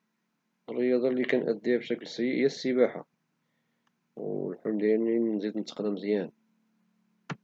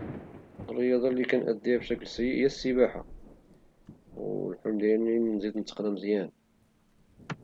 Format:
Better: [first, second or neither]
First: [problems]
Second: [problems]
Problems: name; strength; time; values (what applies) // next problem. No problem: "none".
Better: first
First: none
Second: background sound (Thunder / Rain); 19 dB below the speech